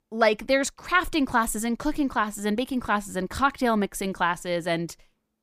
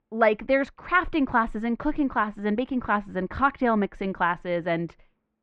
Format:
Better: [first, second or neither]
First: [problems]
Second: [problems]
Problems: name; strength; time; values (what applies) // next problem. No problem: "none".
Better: first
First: none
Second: muffled; very; fading above 2.5 kHz